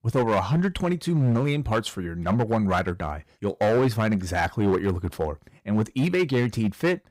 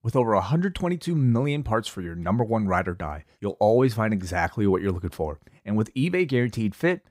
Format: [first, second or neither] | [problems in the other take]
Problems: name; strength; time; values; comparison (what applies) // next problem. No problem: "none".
second | distortion; slight; 8% of the sound clipped